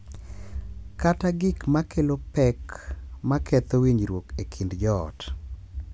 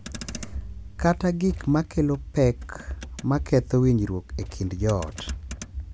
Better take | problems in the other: first | background sound (Gunshot, gunfire + Motor vehicle (road)); 19 dB below the speech

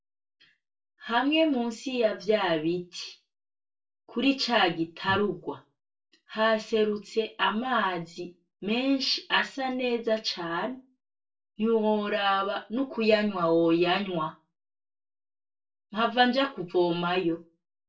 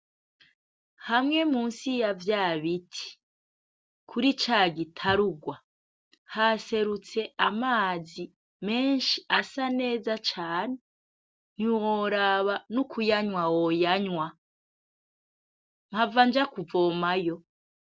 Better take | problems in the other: second | room echo; dies away in 0.2 s

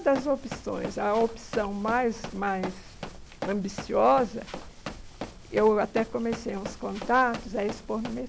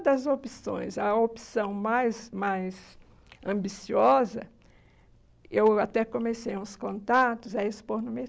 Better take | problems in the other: second | background sound (Run); 12 dB below the speech

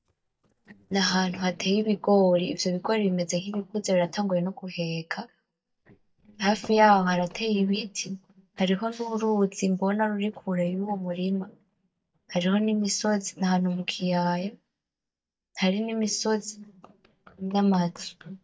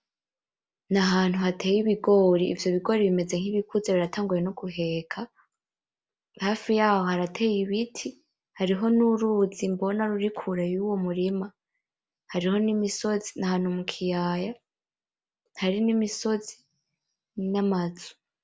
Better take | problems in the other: second | noise reduction (neural mask model DeepFilterNet 3)

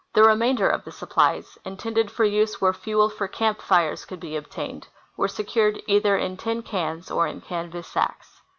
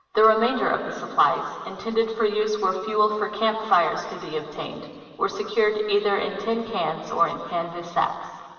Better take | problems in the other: first | room echo; dies away in 2.3 s

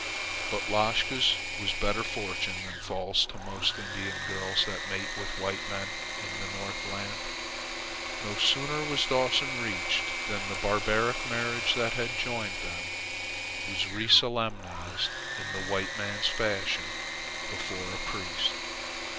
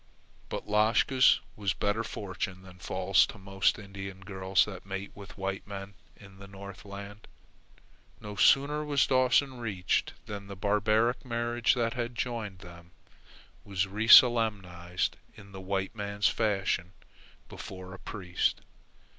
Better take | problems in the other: second | background sound (Engine / Mechanisms); 3 dB below the speech

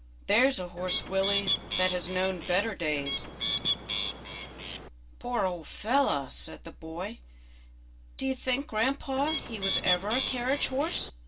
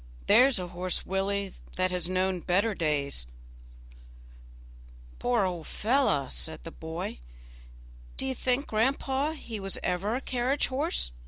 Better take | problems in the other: second | background sound (Bird); 2 dB below the speech // room echo; dies away in 0.1 s

